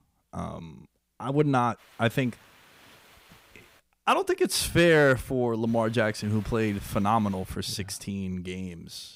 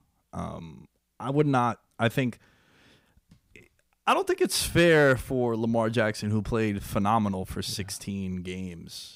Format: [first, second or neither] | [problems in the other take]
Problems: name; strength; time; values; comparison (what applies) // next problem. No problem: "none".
second | hiss; faint; from 2 to 4 s and from 5.5 to 7.5 s; 25 dB below the speech